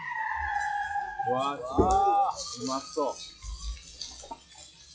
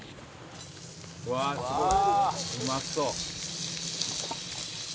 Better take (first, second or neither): second